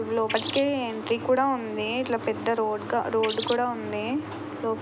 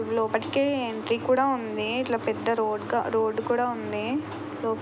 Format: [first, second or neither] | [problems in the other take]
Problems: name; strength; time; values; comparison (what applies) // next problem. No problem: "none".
second | background sound (Bird); 8 dB below the speech